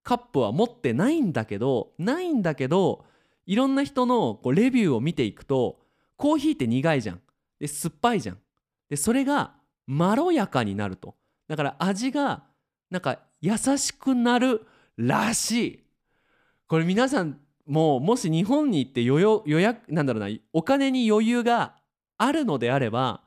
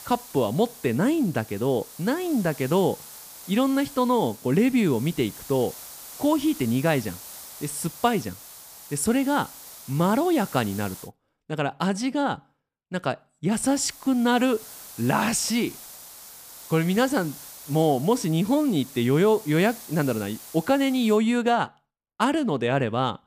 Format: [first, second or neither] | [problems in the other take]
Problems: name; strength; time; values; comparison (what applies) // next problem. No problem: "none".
first | hiss; noticeable; until 11 s and from 14 to 21 s; 15 dB below the speech